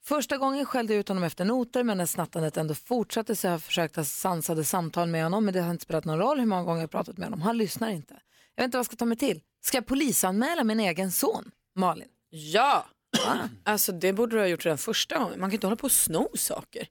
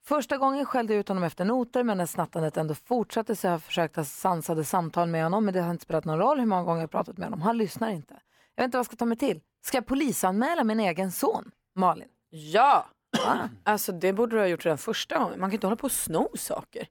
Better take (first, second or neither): first